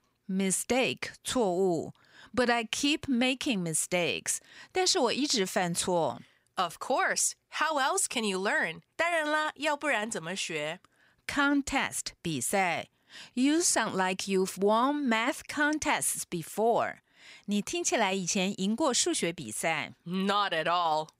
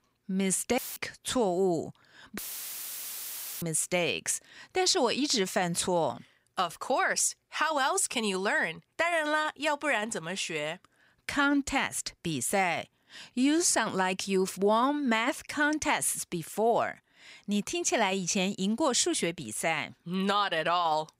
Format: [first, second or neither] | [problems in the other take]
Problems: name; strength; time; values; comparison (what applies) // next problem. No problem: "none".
first | audio cutting out; filled with static; at 1 s and at 2.5 s for 1 s